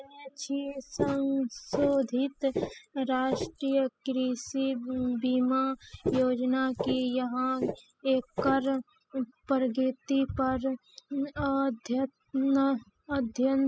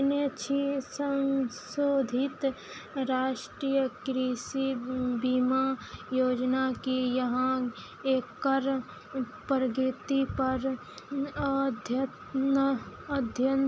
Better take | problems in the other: second | noise reduction (classical method spectral subtraction)

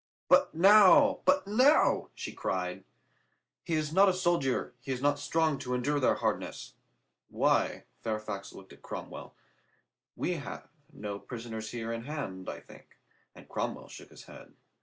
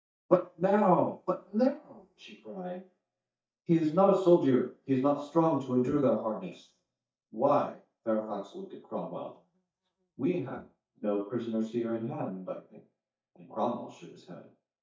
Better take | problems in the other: first | noise reduction (neural mask model DeepFilterNet 3)

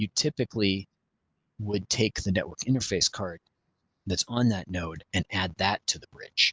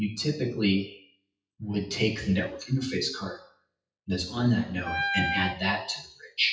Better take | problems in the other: first | noise reduction (classical method WPE with log-MMSE)

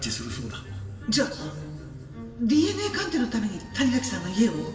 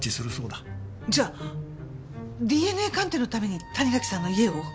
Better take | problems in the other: second | room echo; dies away in 2.1 s

